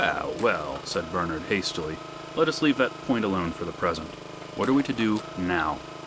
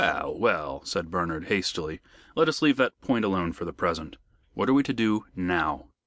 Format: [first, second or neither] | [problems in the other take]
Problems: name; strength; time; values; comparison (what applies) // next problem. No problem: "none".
second | background sound (Engine); 12 dB below the speech